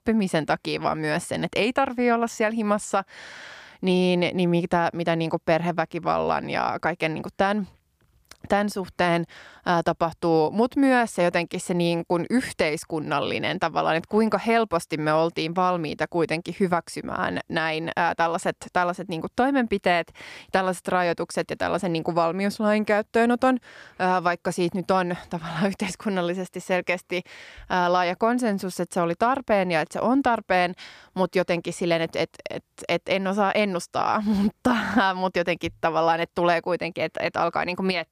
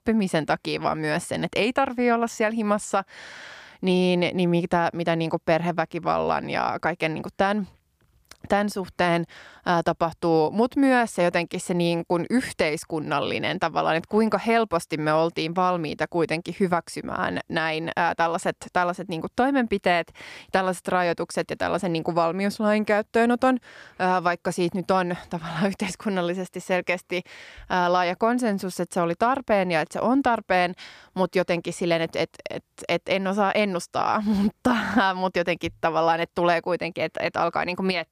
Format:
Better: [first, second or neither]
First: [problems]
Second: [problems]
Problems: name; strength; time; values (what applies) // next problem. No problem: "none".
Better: neither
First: none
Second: none